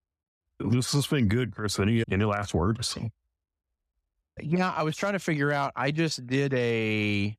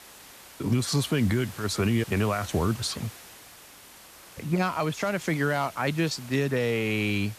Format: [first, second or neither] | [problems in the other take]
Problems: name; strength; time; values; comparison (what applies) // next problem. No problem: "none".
first | hiss; noticeable; throughout; 15 dB below the speech